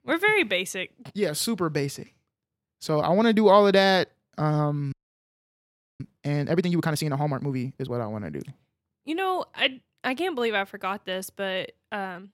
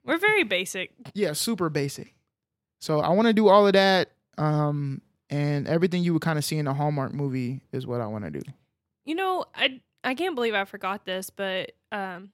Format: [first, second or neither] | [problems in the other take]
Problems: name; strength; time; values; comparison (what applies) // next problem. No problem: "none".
second | audio freezing; at 5 s for 1 s